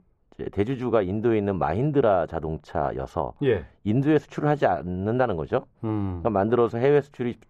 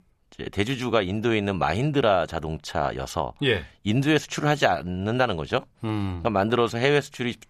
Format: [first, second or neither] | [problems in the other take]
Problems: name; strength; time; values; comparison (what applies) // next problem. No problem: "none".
second | muffled; very; fading above 2 kHz